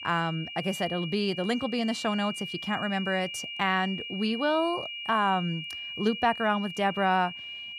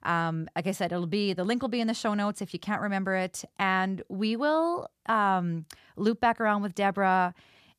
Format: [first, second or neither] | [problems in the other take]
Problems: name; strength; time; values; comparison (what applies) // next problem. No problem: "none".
second | high-pitched whine; loud; throughout; 3 kHz, 7 dB below the speech